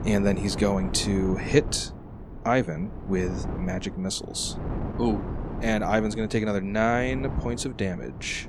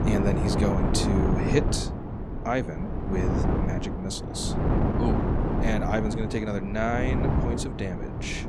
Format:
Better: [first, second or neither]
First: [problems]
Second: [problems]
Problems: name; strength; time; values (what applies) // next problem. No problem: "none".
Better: first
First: wind noise on the microphone; occasional gusts; 10 dB below the speech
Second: wind noise on the microphone; heavy; 1 dB below the speech